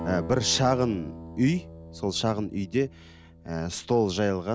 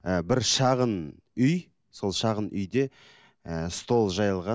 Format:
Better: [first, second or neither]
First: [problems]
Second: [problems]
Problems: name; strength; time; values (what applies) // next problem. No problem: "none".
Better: second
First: background sound (Acoustic guitar); 14 dB below the speech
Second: none